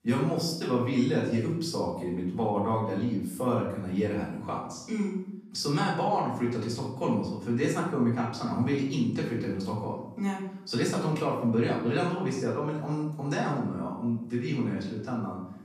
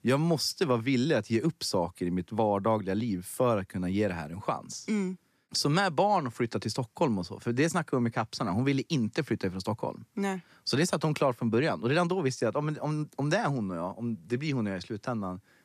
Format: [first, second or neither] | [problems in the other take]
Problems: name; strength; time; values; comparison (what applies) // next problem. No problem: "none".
second | off-mic speech; far // room echo; noticeable; dies away in 0.7 s